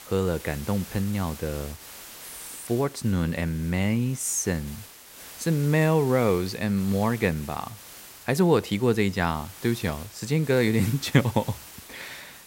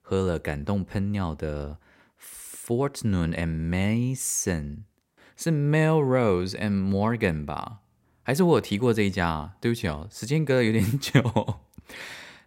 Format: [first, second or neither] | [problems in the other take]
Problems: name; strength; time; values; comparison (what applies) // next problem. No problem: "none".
second | hiss; noticeable; throughout; 15 dB below the speech